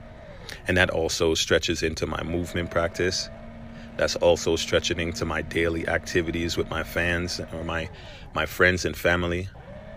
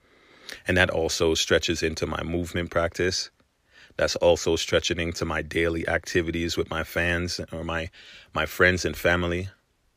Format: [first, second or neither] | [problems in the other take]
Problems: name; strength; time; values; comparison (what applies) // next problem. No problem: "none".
second | low rumble; faint; throughout; 20 dB below the speech